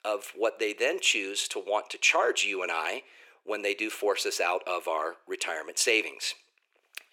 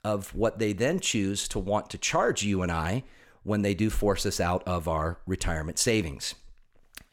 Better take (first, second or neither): second